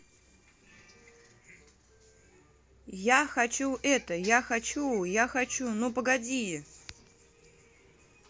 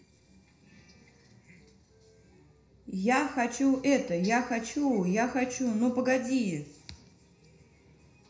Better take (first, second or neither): first